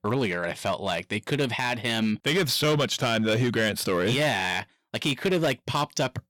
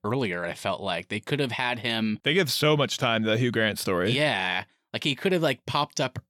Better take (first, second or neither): second